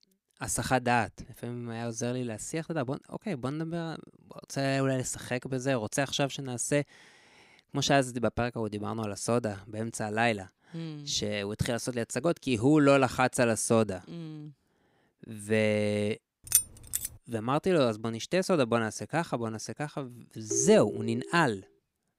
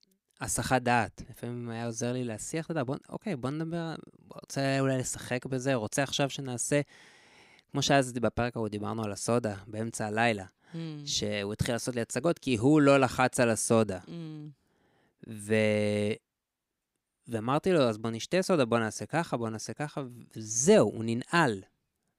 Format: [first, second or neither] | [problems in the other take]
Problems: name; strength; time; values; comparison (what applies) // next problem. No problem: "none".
second | jangling keys; loud; at 17 s; peak 4 dB above the speech // phone ringing; noticeable; at 21 s; peak 5 dB below the speech